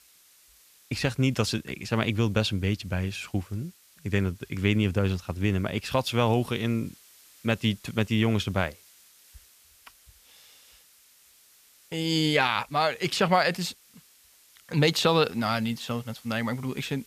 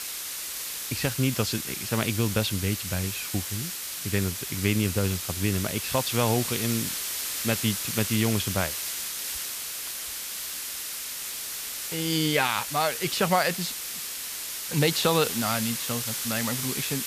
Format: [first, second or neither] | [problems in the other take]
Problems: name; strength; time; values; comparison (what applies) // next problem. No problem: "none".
first | hiss; loud; throughout; 3 dB below the speech; faint in the first